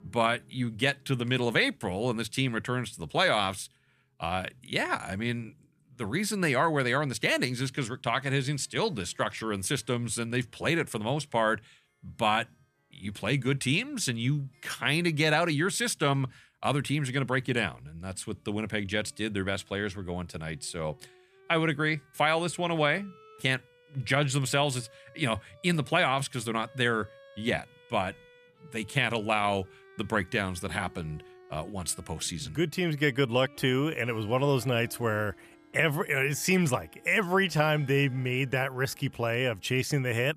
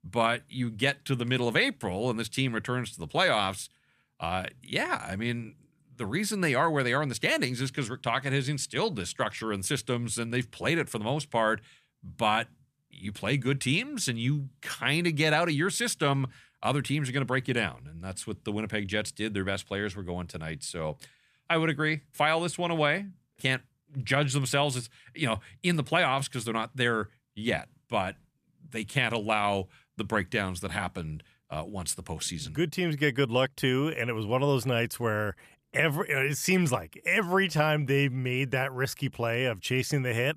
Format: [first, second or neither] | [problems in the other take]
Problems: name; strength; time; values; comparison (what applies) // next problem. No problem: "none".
second | background music; faint; throughout; 25 dB below the speech